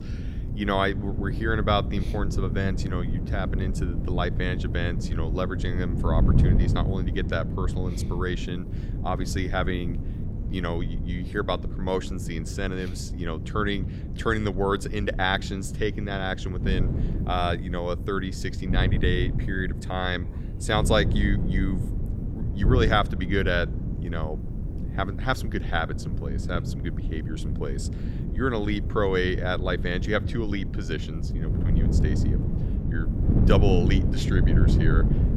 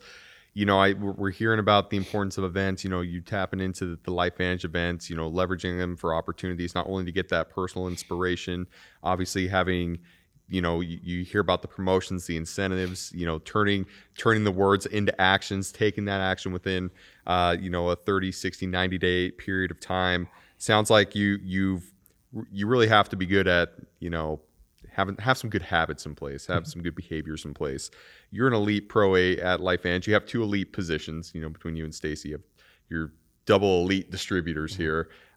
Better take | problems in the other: second | wind noise on the microphone; heavy; 10 dB below the speech

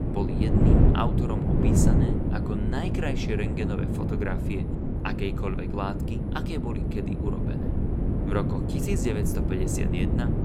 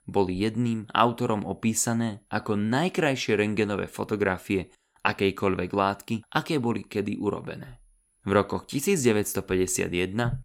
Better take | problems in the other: second | wind noise on the microphone; heavy; 1 dB above the speech

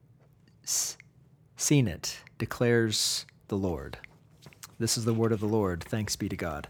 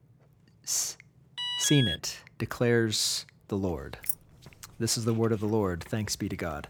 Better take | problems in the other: first | alarm; loud; at 1.5 s; peak level with the speech // jangling keys; noticeable; at 4 s; peak 3 dB below the speech

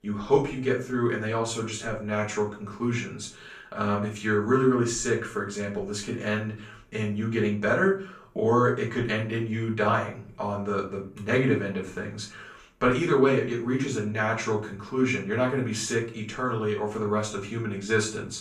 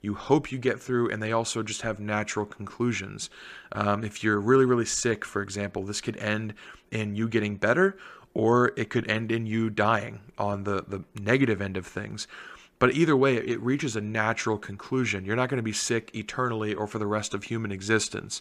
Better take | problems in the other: second | off-mic speech; far // room echo; slight; dies away in 0.3 s

